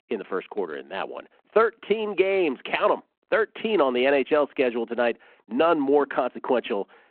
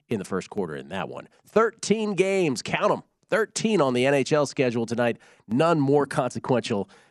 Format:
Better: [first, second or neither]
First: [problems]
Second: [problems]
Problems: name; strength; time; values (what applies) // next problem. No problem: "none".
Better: second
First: phone-call audio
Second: none